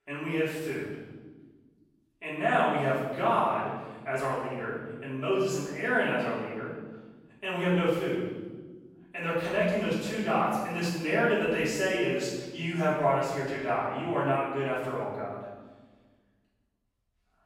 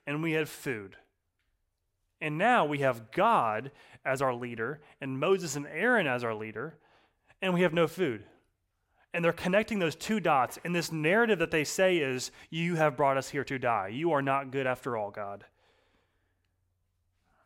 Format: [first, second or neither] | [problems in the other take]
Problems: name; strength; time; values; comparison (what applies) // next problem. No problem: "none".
second | off-mic speech; far // room echo; strong; dies away in 1.2 s